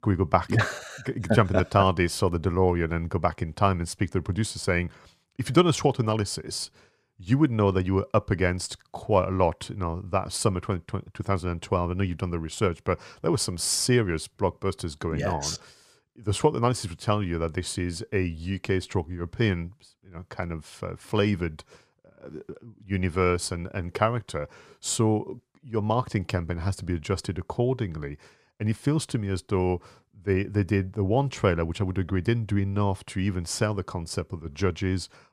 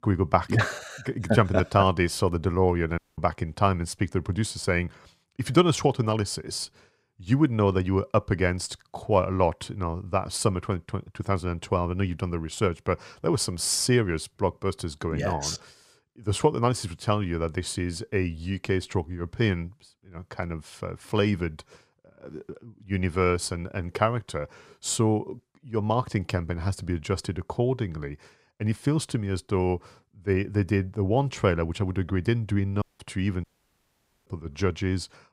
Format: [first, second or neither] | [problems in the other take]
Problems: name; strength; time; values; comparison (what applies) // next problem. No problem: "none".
first | audio cutting out; at 3 s and at 33 s for 1 s